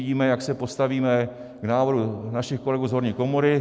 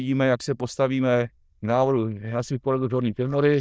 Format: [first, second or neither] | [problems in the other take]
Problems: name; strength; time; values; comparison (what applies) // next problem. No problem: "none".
first | noise reduction (neural diffusion model UNIVERSE++)